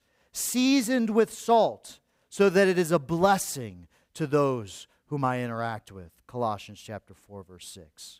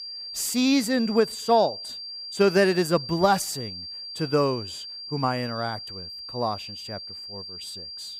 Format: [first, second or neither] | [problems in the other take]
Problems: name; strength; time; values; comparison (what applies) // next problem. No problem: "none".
first | high-pitched whine; noticeable; throughout; 4.5 kHz, 10 dB below the speech